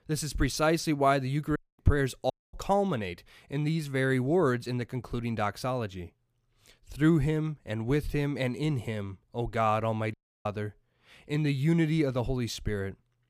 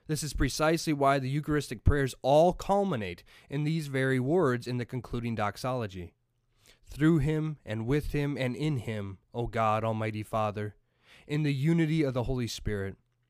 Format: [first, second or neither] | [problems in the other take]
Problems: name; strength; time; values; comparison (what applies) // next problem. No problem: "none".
second | audio cutting out; at 1.5 s, at 2.5 s and at 10 s